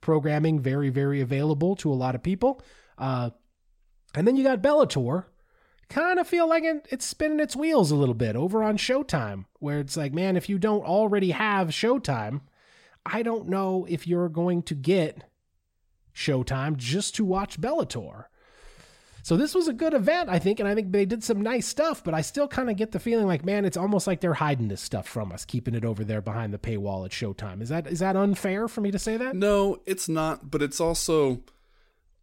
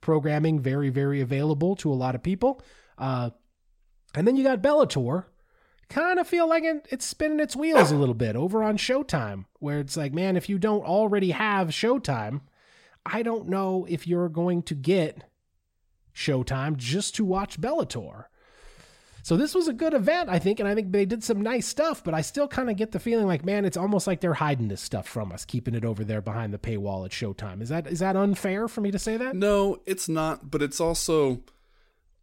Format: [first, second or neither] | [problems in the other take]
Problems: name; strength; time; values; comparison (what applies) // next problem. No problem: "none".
first | dog barking; loud; at 7.5 s; peak 4 dB above the speech